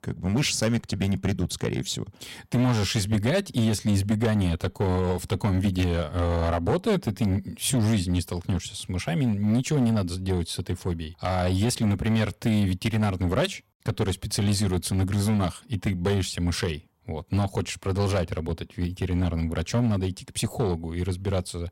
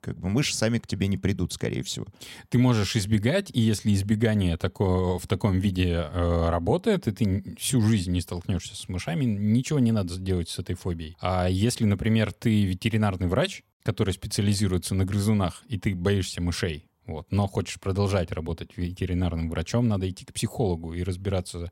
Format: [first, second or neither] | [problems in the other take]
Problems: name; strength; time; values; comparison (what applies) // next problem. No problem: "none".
second | distortion; slight; 8% of the sound clipped